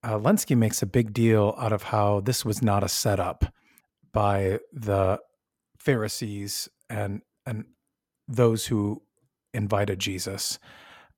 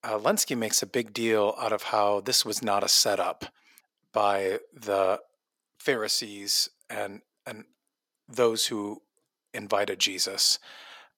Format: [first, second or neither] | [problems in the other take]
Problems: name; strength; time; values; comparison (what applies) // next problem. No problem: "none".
first | thin; somewhat; fading below 400 Hz